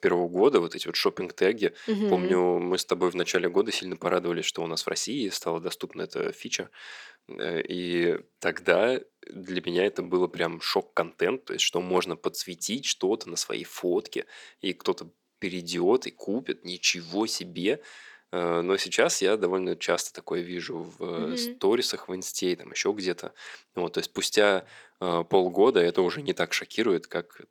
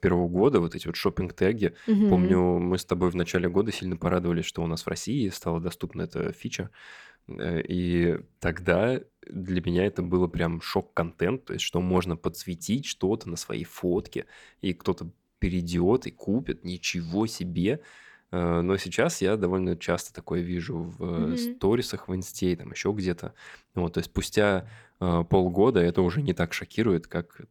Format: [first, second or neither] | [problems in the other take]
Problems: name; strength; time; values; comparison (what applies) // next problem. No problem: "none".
second | thin; somewhat; fading below 350 Hz